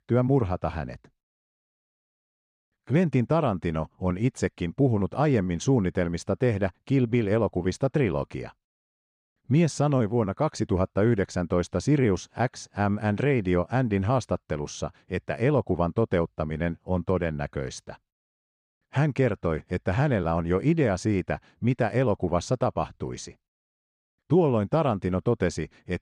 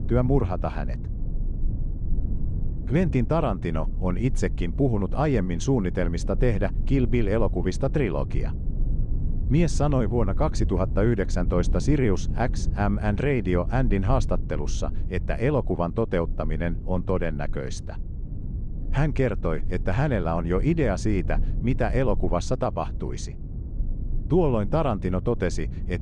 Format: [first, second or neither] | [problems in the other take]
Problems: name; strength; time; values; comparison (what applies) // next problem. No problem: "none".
first | low rumble; noticeable; throughout; 15 dB below the speech